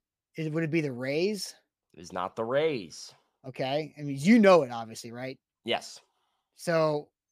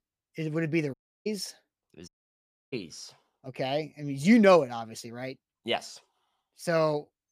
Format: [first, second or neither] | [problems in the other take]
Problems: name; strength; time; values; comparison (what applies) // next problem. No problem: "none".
first | audio cutting out; at 1 s and at 2 s for 0.5 s